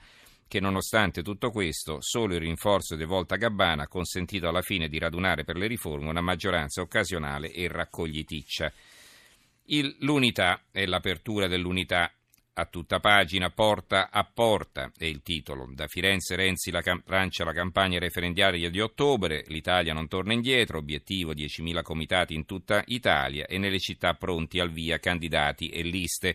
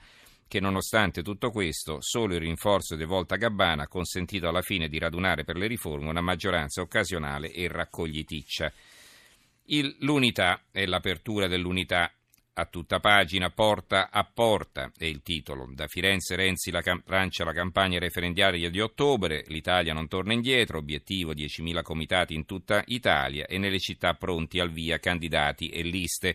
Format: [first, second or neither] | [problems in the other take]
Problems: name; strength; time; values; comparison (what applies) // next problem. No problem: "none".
neither | none